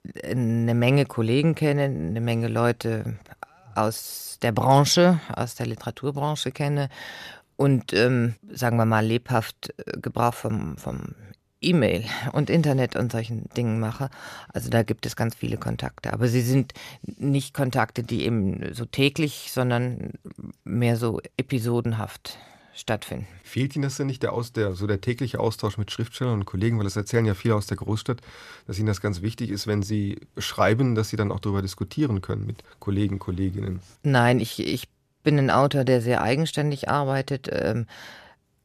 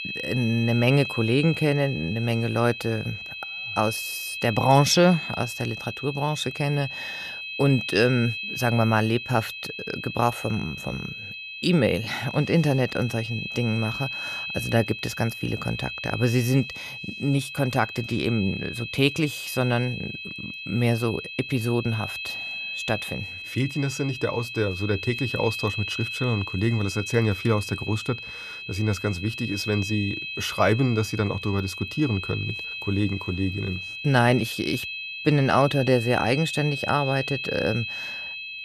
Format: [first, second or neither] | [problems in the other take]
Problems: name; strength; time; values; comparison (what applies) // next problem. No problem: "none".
first | high-pitched whine; loud; throughout; 2.5 kHz, 7 dB below the speech